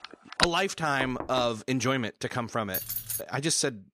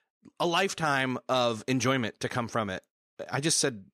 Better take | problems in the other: second | phone ringing; loud; at 0.5 s; peak 1 dB above the speech // door banging; noticeable; at 1 s; peak 10 dB below the speech // jangling keys; noticeable; at 2.5 s; peak 2 dB below the speech

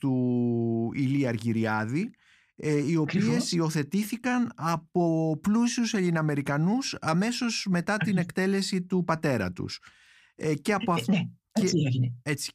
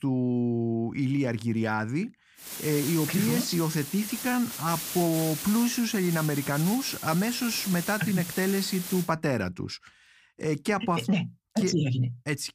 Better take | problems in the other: first | hiss; loud; from 2.5 to 9 s; 7 dB below the speech

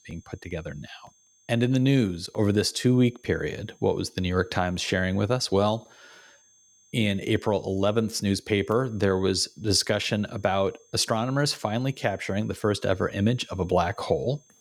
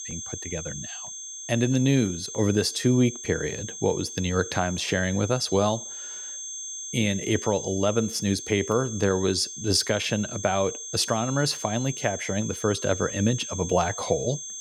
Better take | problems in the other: first | high-pitched whine; loud; throughout; 6.5 kHz, 9 dB below the speech; faint in the first

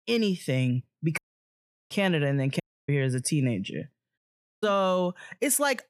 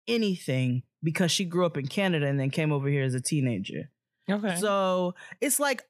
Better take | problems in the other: second | audio cutting out; at 1 s for 0.5 s, at 2.5 s and at 4 s

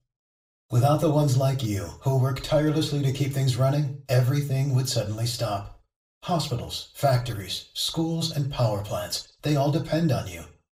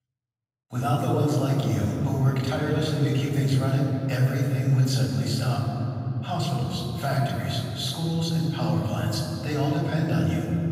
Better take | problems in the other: first | room echo; strong; dies away in 3 s; slight in the first // off-mic speech; far; far in the first

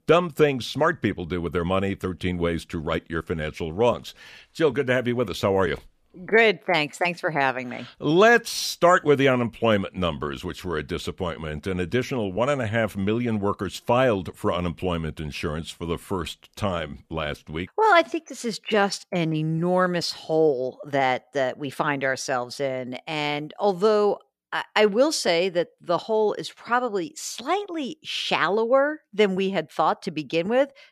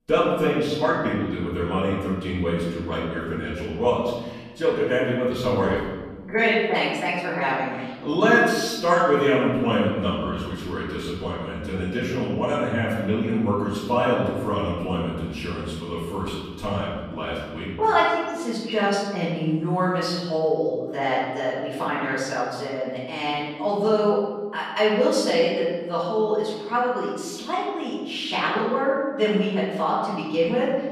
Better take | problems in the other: first | room echo; noticeable; dies away in 1.3 s // off-mic speech; far

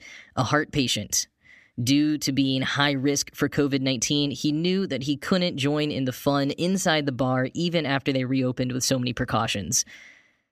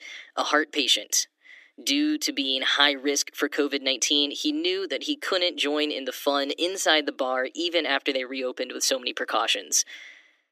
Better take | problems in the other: first | thin; somewhat; fading below 300 Hz

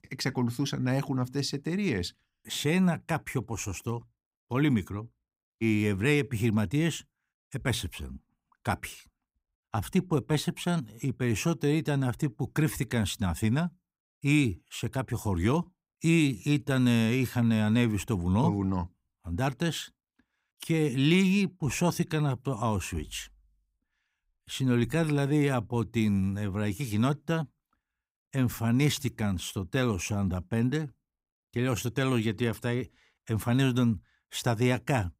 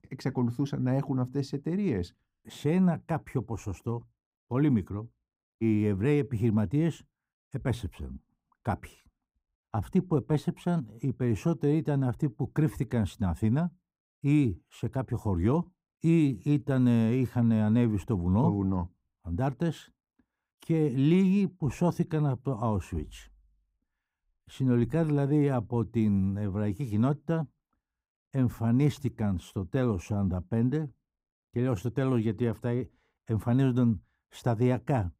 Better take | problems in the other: first | muffled; slightly; fading above 1.5 kHz

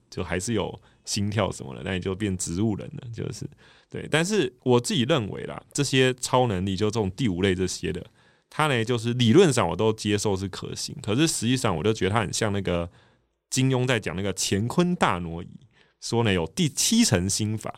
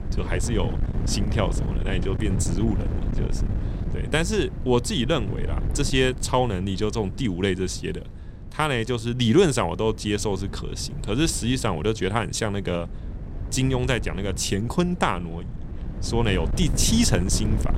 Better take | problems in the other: first | wind noise on the microphone; occasional gusts; 15 dB below the speech

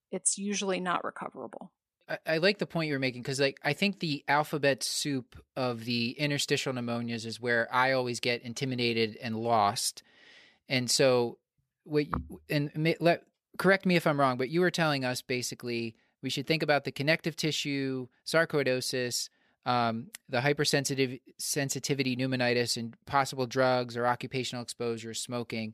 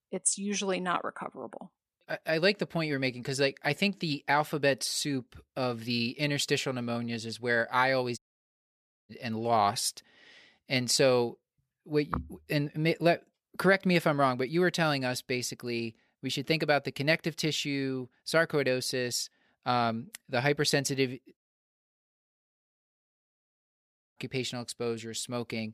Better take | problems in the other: first | audio cutting out; at 8 s for 1 s and at 21 s for 3 s

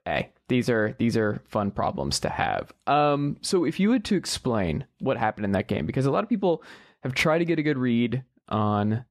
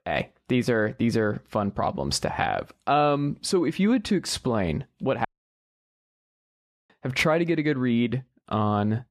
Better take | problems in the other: first | audio cutting out; at 5.5 s for 1.5 s

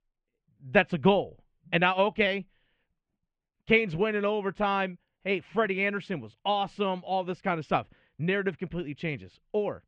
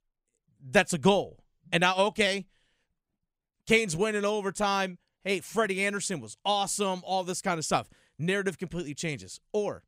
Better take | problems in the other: second | muffled; very; fading above 3 kHz

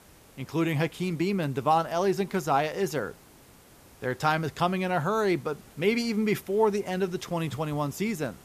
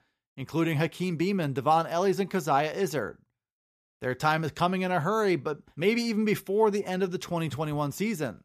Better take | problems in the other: second | hiss; faint; throughout; 25 dB below the speech

